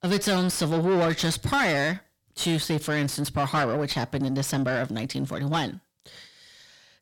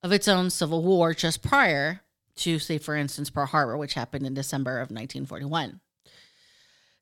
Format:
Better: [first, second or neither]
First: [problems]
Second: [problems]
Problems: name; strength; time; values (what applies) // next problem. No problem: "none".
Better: second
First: distortion; heavy; 6 dB below the speech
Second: none